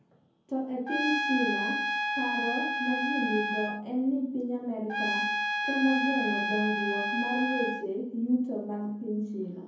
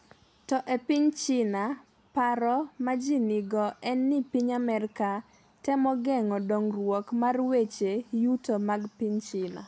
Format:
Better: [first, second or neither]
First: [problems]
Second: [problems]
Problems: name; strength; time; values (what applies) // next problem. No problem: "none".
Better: second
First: background sound (Trumpet); as loud as the speech // room echo; dies away in 0.7 s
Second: none